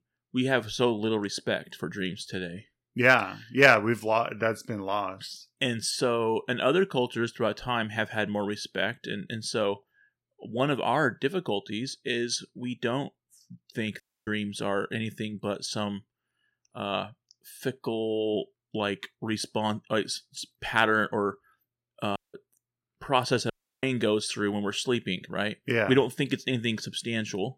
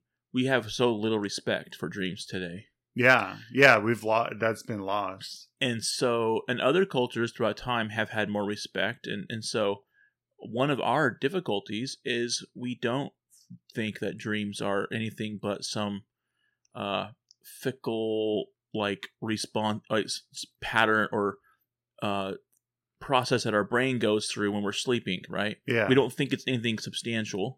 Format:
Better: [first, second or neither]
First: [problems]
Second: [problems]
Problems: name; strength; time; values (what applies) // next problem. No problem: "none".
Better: second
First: audio cutting out; at 14 s, at 22 s and at 24 s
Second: none